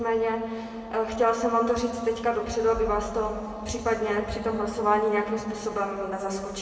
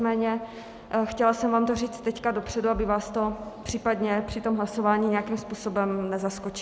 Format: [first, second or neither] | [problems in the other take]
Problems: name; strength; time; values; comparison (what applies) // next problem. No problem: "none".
second | room echo; dies away in 2 s